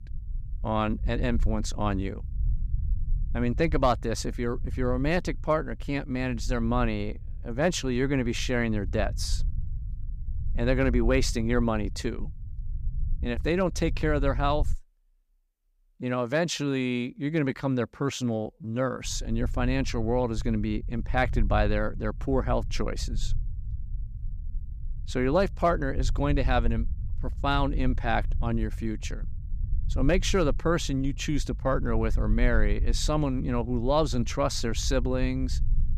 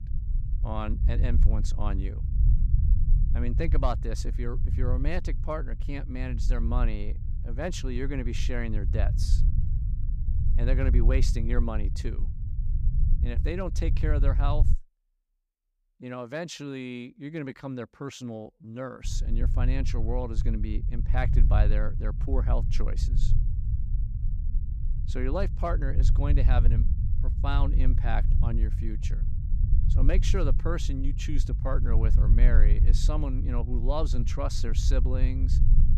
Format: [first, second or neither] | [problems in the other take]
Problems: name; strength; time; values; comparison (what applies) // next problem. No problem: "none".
first | low rumble; loud; until 15 s and from 19 s on; 9 dB below the speech; faint in the first